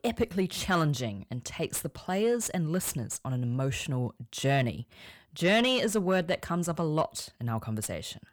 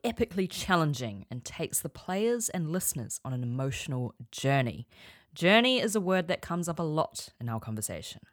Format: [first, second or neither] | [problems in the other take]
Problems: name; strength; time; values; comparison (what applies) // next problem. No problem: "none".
second | distortion; slight; 10 dB below the speech